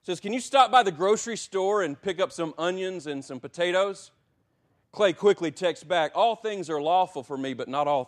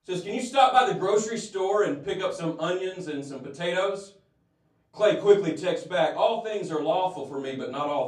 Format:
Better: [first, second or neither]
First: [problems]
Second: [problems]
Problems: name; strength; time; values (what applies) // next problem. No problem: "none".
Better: first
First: none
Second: off-mic speech; far // room echo; slight; dies away in 0.3 s